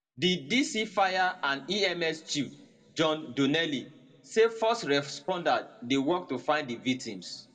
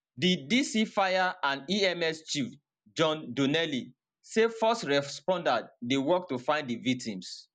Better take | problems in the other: second | room echo; dies away in 1.5 s

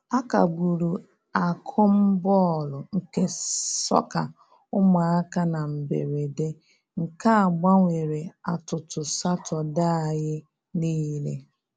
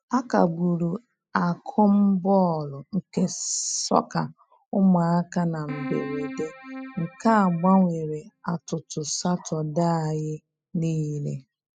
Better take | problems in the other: first | noise reduction (classical method spectral subtraction)

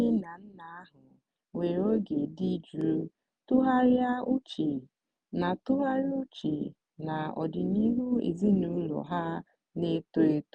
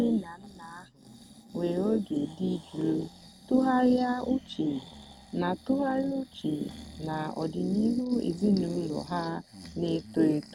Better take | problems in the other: first | background sound (Breathing); 20 dB below the speech

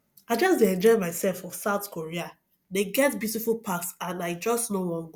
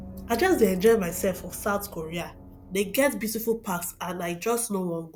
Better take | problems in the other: first | background sound (Gong); 18 dB below the speech

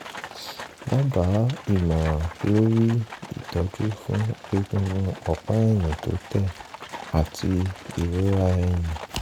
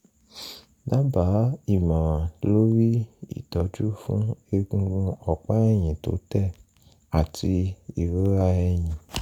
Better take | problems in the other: second | background sound (Livestock, farm animals, working animals); 15 dB below the speech

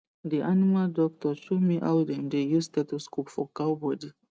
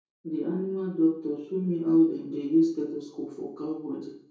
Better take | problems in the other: first | room echo; dies away in 0.6 s

